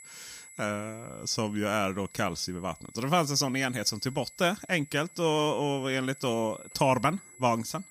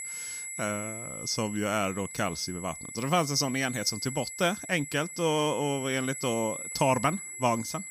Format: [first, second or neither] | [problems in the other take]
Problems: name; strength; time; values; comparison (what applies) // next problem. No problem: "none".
first | high-pitched whine; loud; throughout; 8 kHz, 8 dB below the speech; faint in the first